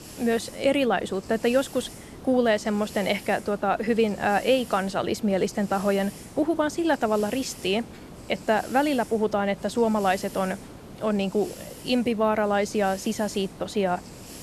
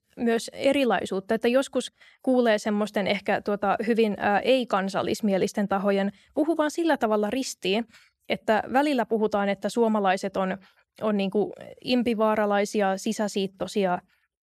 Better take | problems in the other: second | hiss; noticeable; throughout; 15 dB below the speech

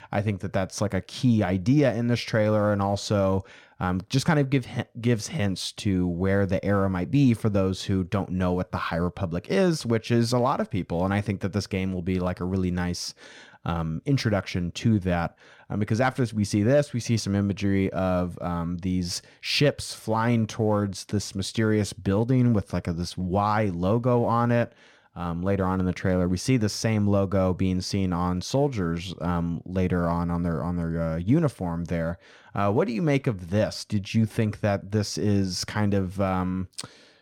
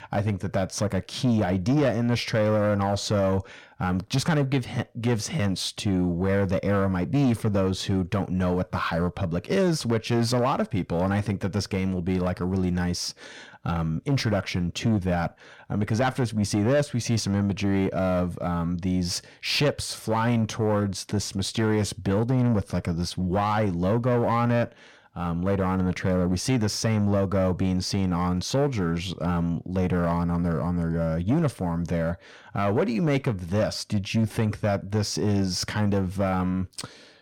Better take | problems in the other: first | distortion; slight; 10 dB below the speech

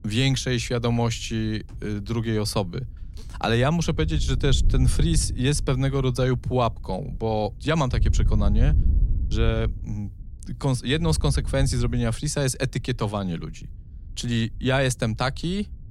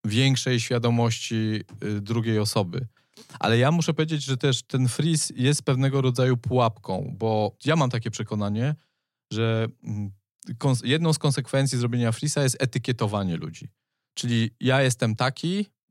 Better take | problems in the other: second | wind noise on the microphone; occasional gusts; 20 dB below the speech

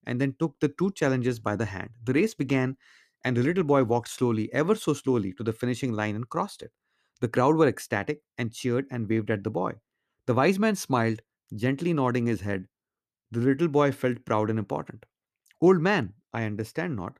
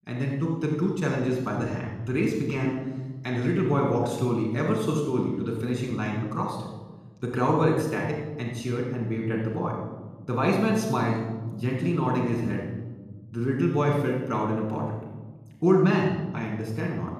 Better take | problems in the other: first | off-mic speech; far // room echo; noticeable; dies away in 1.3 s

